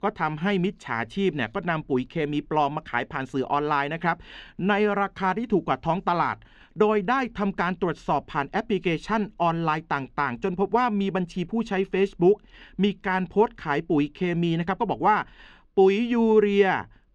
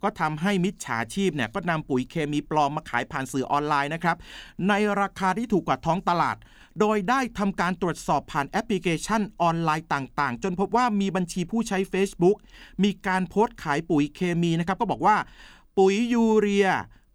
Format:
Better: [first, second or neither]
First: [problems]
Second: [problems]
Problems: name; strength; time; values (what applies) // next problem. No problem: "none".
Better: second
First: muffled; slightly; fading above 3 kHz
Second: none